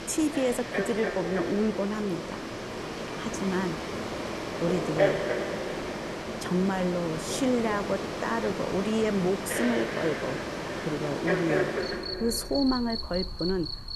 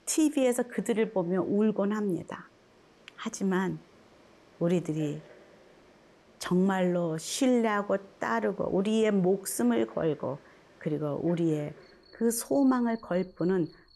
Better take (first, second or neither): second